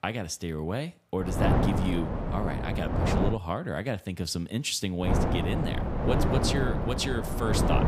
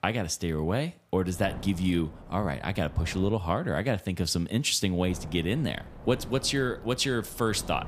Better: second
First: wind noise on the microphone; heavy; from 1 to 3.5 s and from 5 s on; as loud as the speech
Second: wind noise on the microphone; occasional gusts; from 1 to 3.5 s and from 5 s on; 20 dB below the speech

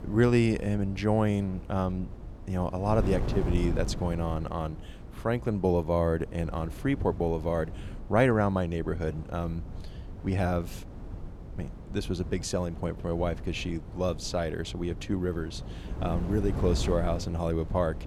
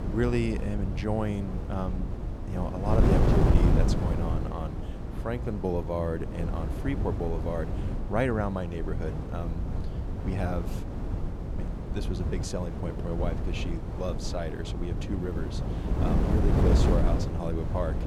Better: first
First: wind noise on the microphone; occasional gusts; 15 dB below the speech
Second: wind noise on the microphone; heavy; 3 dB below the speech

